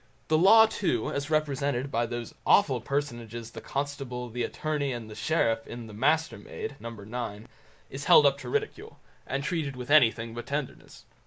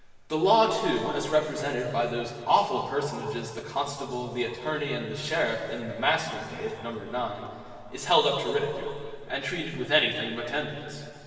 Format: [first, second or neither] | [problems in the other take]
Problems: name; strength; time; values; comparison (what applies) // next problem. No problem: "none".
first | room echo; dies away in 2.4 s